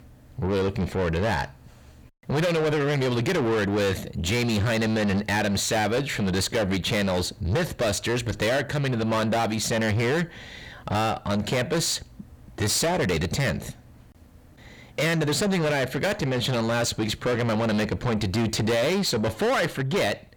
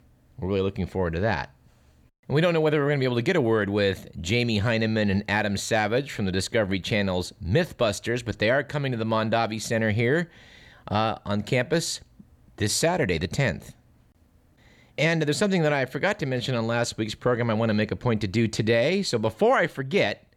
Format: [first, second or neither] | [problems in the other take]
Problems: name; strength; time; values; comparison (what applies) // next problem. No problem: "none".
second | distortion; heavy; 7 dB below the speech